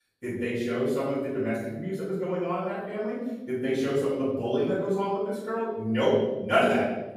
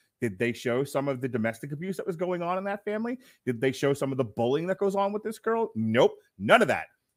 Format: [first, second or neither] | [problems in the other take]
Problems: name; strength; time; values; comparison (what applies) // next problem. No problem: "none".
second | off-mic speech; far // room echo; noticeable; dies away in 1.1 s